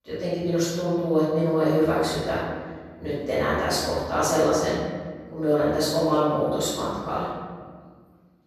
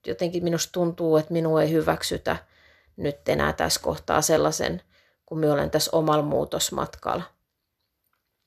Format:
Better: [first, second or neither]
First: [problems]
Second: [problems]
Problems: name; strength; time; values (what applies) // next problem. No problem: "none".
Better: second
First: room echo; strong; dies away in 1.5 s // off-mic speech; far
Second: none